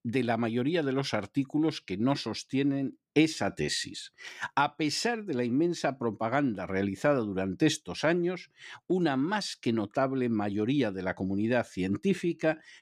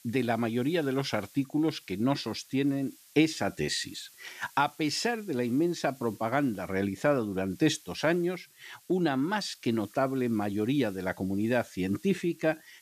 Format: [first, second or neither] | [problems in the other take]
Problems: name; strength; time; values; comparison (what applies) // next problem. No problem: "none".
first | hiss; faint; throughout; 25 dB below the speech